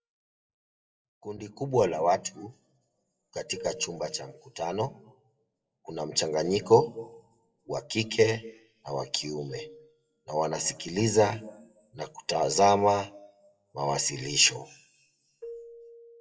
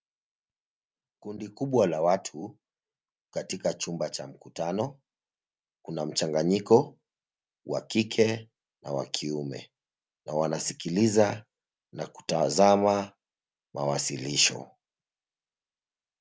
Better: second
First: noise reduction (classical method WPE with log-MMSE)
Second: none

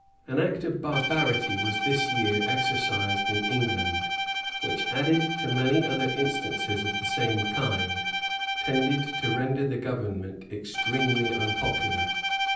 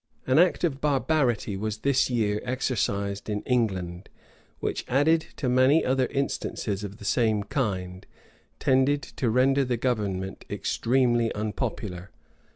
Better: second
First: background sound (Bowed string instrument); 1 dB below the speech // room echo; dies away in 0.6 s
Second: none

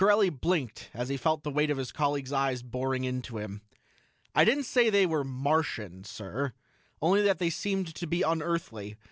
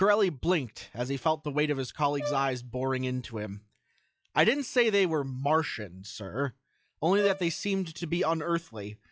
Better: first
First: none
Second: noise reduction (classical method log-MMSE)

